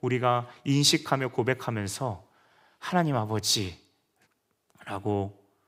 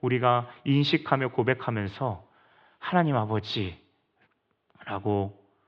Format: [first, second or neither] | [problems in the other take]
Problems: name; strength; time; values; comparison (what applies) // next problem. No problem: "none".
first | muffled; very; fading above 3.5 kHz